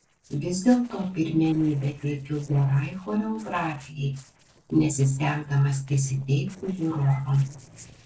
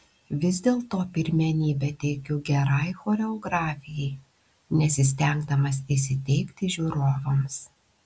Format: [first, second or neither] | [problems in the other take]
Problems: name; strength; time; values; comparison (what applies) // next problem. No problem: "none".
second | noise reduction (neural separator model SepFormer DNS4)